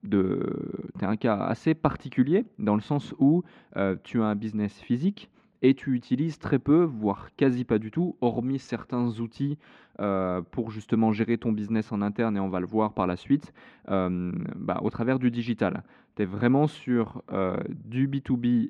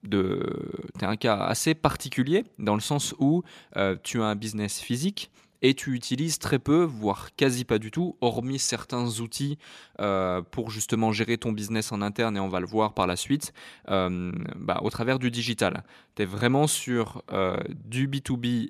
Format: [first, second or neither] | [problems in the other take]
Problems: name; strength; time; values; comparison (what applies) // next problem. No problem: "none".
second | muffled; very; fading above 2 kHz